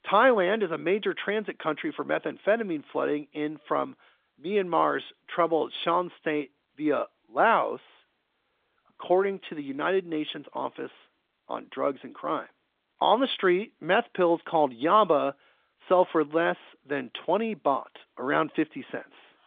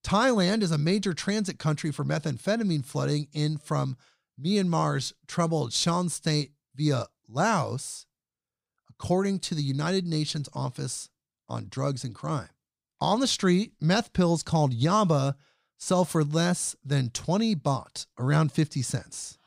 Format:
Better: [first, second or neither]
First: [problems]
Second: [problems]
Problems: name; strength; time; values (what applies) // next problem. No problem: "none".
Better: second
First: phone-call audio; nothing above 3.5 kHz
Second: none